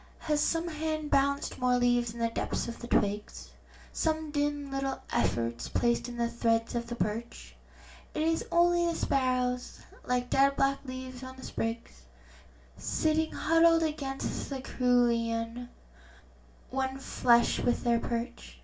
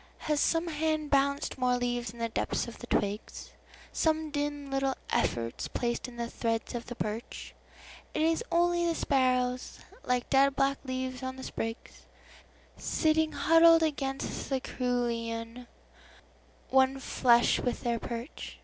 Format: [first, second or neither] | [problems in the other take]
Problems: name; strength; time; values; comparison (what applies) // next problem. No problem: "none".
second | room echo; dies away in 0.2 s